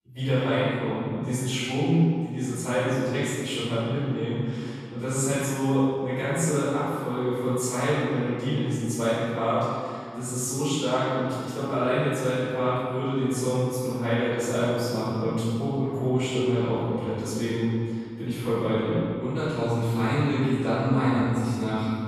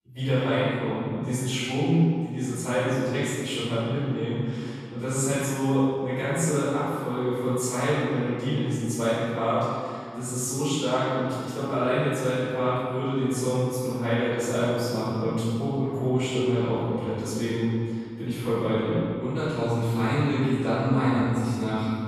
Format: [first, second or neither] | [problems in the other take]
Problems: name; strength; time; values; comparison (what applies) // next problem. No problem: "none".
neither | off-mic speech; far; the same in both // room echo; strong; dies away in 2 s; the same in both